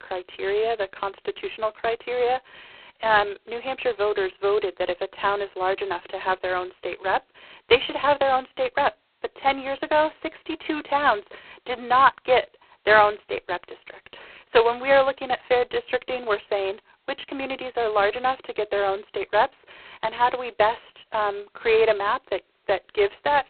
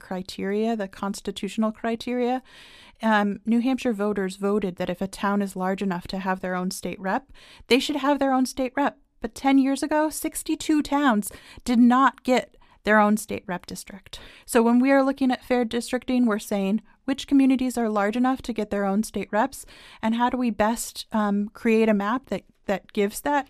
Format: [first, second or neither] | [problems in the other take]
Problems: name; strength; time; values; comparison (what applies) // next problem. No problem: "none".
second | phone-call audio; poor line; nothing above 4 kHz